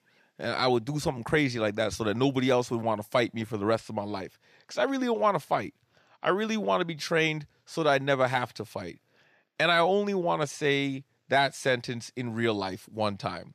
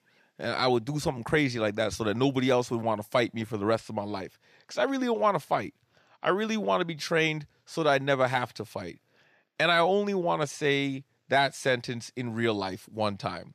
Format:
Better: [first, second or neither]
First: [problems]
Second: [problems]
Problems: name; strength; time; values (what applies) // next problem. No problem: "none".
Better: neither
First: none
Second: none